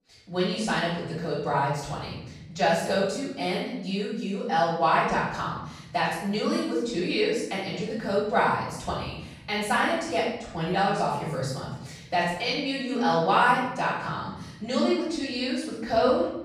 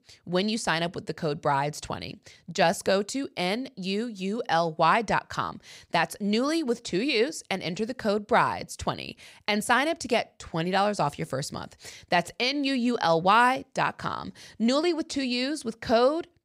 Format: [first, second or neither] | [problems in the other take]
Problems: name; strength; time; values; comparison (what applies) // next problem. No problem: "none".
second | off-mic speech; far // room echo; noticeable; dies away in 1 s